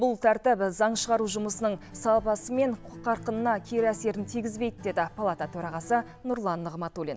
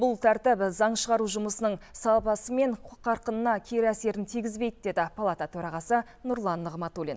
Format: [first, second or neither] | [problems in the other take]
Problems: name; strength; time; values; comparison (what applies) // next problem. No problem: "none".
second | background sound (Acoustic guitar); 19 dB below the speech